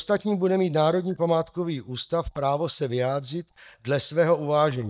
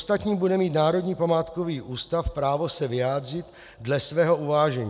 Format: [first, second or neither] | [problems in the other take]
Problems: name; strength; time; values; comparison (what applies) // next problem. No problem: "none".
second | noise reduction (neural mask model DeepFilterNet 3)